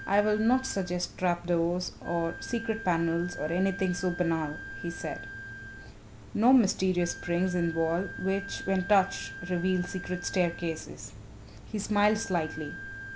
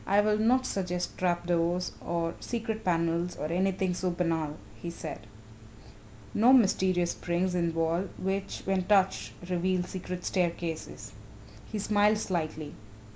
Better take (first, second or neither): second